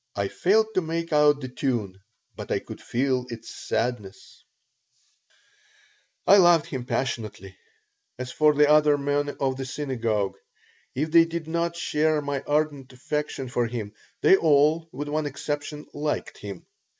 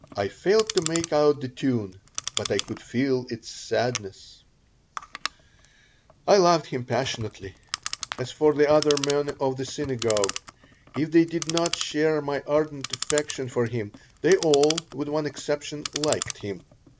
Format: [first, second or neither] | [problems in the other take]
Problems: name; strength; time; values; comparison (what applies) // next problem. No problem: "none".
first | background sound (Clock); 11 dB below the speech